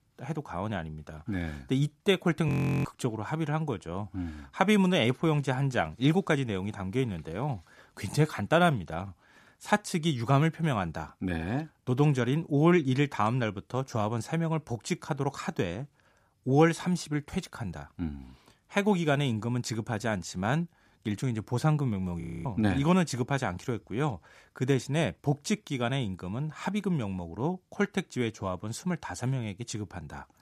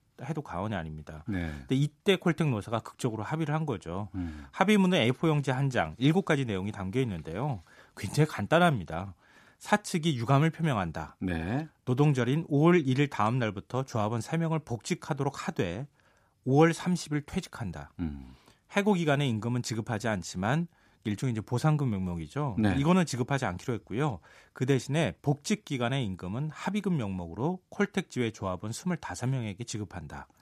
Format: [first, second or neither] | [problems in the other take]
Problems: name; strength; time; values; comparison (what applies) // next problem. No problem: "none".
second | audio freezing; at 2.5 s and at 22 s